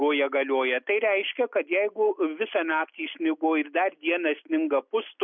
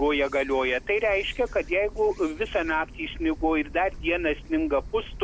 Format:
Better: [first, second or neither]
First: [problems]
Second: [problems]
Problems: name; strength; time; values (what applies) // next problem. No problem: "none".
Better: first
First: none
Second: background sound (Accelerating, revving, vroom + Insect); 14 dB below the speech